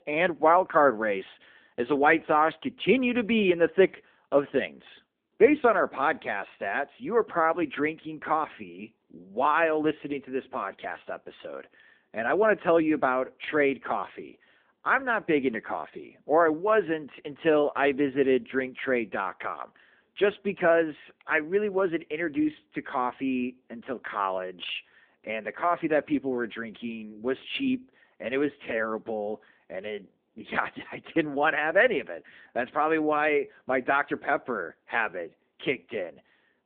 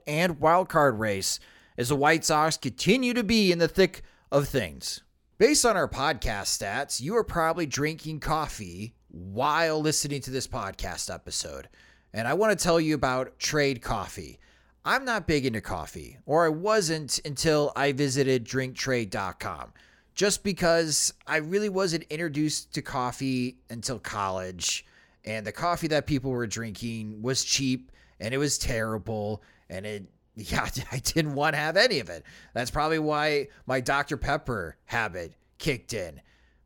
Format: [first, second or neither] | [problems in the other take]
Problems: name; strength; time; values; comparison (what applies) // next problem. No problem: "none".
second | phone-call audio